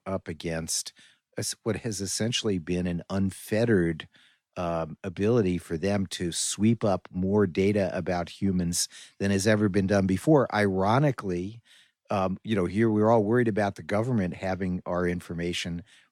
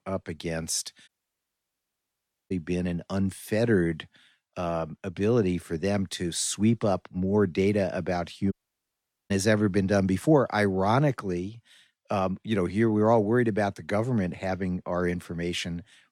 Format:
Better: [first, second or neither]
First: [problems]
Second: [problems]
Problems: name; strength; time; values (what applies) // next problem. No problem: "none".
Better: first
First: none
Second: audio cutting out; at 1 s for 1.5 s and at 8.5 s for 1 s